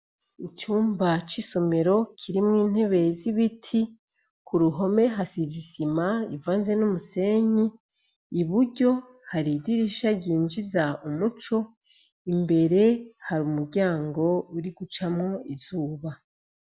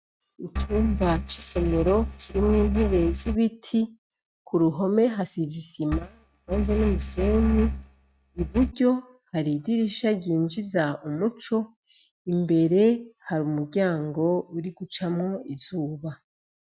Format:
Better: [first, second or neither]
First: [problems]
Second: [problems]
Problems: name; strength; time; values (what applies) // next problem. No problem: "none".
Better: first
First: none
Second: noise reduction (neural mask model RNNoise)